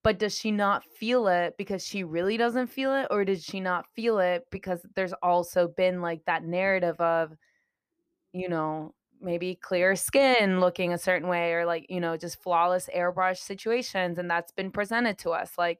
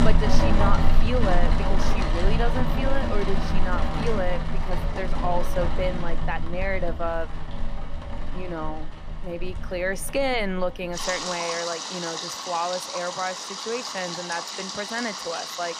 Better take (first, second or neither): first